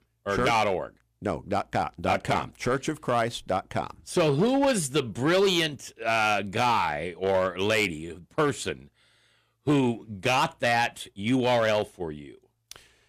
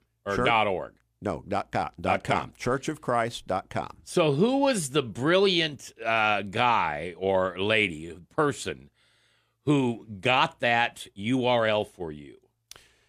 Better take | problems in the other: second | distortion; slight; 5% of the sound clipped

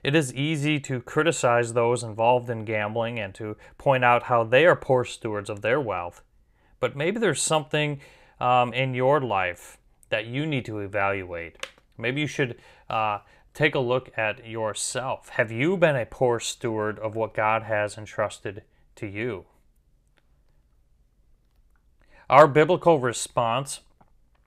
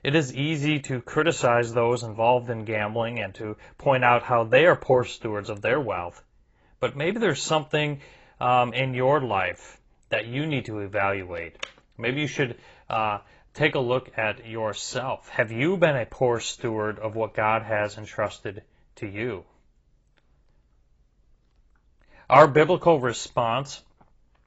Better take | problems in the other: first | garbled, watery; badly; nothing above 7.5 kHz

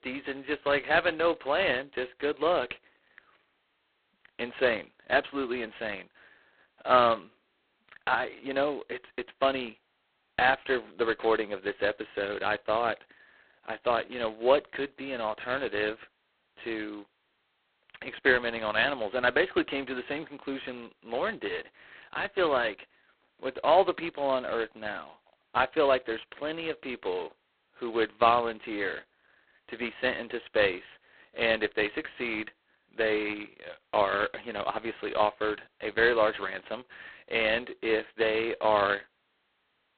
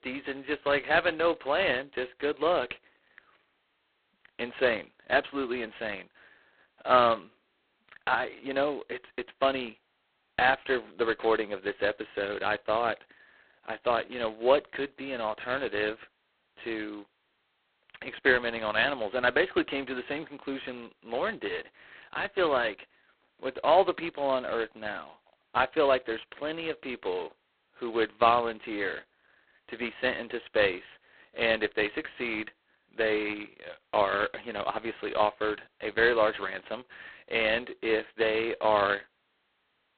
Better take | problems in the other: neither | phone-call audio; poor line; nothing above 4 kHz; the same in both

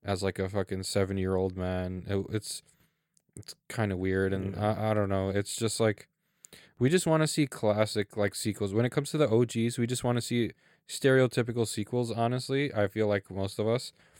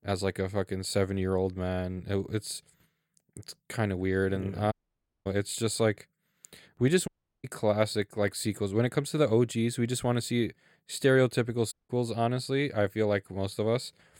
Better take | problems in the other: first | audio cutting out; at 4.5 s for 0.5 s, at 7 s and at 12 s

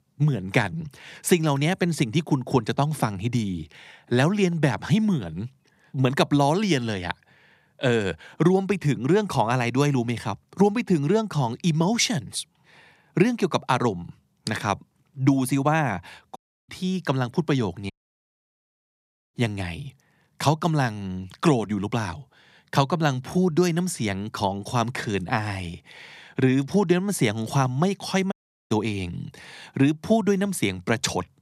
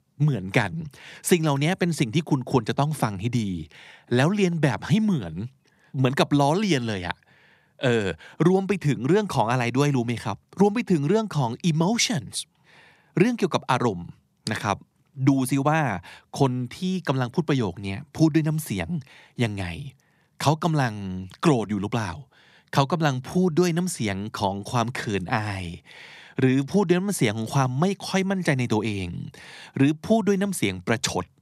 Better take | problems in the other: second | audio cutting out; at 16 s, at 18 s for 1.5 s and at 28 s

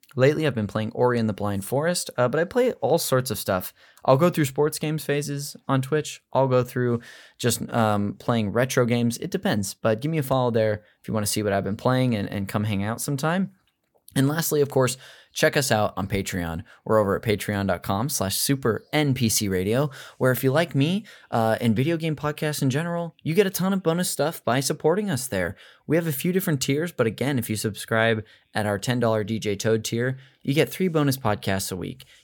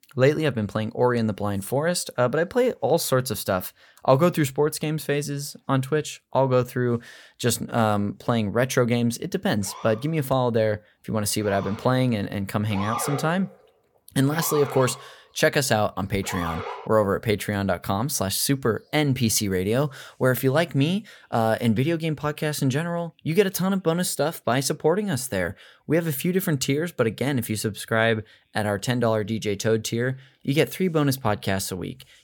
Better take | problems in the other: first | siren; noticeable; from 9.5 to 17 s; peak 5 dB below the speech

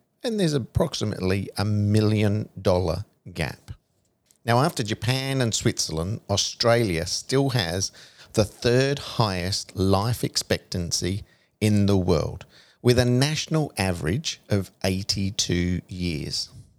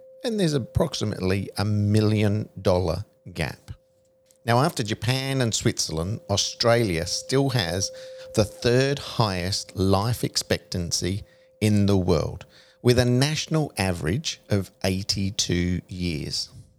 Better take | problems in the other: first | background music; faint; throughout; 25 dB below the speech

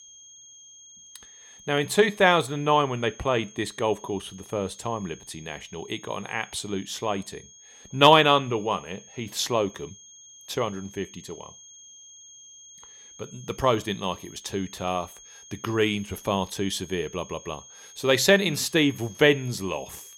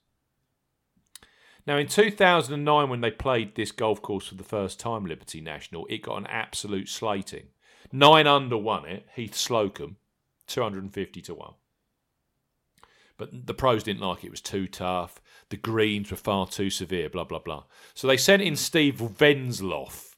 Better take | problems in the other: second | high-pitched whine; faint; throughout; 6.5 kHz, 20 dB below the speech

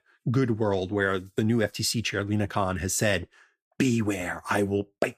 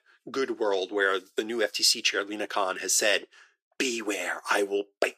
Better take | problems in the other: first | thin; very; fading below 350 Hz

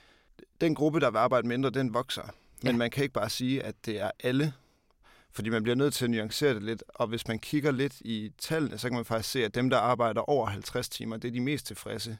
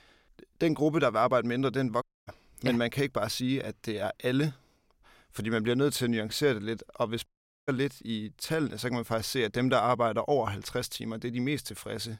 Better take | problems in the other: first | audio cutting out; at 2 s and at 7.5 s

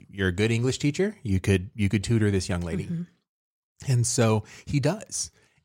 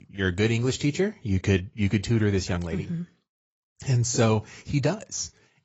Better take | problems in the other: first | garbled, watery; badly; nothing above 7.5 kHz

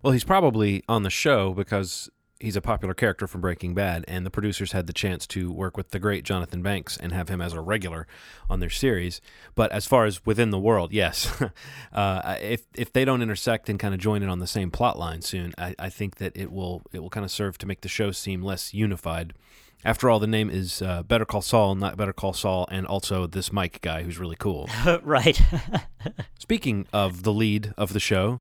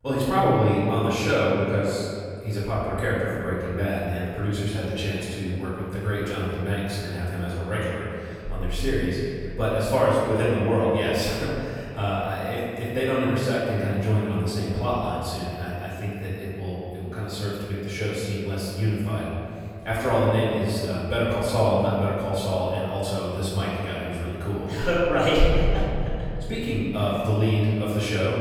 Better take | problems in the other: first | room echo; strong; dies away in 2.3 s // off-mic speech; far

